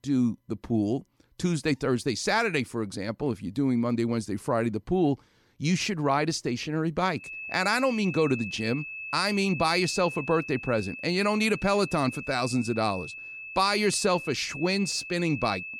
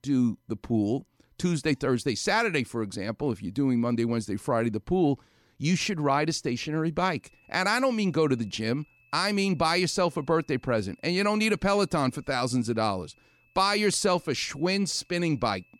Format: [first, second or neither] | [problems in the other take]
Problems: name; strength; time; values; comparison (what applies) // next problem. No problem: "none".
second | high-pitched whine; loud; from 7 s on; 2.5 kHz, 10 dB below the speech; faint in the second